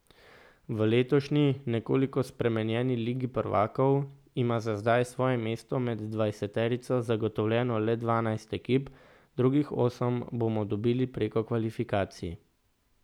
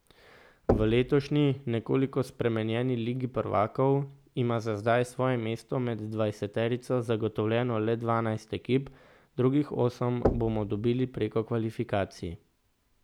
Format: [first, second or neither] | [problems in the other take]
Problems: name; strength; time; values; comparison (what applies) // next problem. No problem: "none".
first | background sound (Knock); 6 dB below the speech